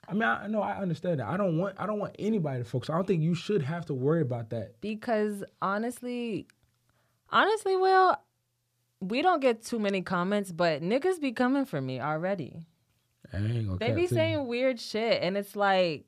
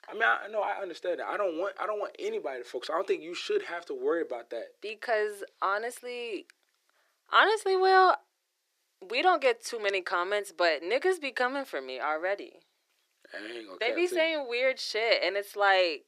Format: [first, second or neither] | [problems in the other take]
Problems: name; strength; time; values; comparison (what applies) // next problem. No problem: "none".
first | thin; very; fading below 350 Hz